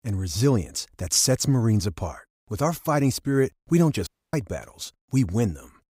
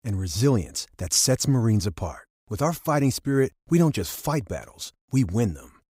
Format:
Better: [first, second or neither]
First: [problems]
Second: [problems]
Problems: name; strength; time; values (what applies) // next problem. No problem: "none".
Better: second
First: audio cutting out; at 4 s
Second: none